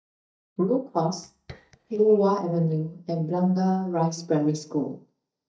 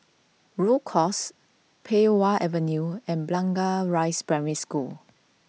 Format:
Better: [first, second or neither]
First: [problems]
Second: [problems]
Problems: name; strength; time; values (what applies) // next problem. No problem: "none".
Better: second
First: noise reduction (neural mask model DeepFilterNet 3)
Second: none